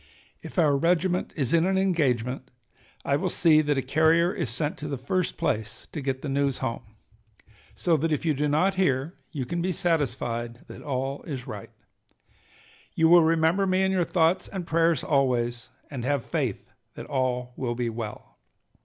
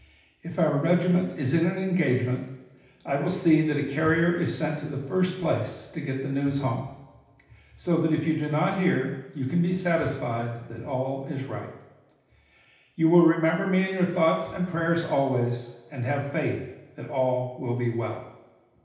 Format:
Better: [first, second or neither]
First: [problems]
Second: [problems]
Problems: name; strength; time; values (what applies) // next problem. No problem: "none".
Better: first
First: none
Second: room echo; dies away in 0.9 s